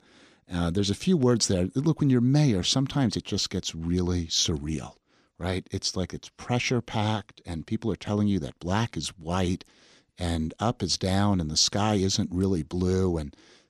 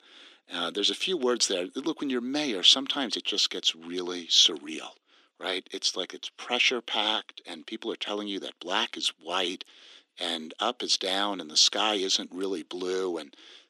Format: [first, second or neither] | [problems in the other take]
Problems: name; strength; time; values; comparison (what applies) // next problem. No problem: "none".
first | thin; somewhat; fading below 300 Hz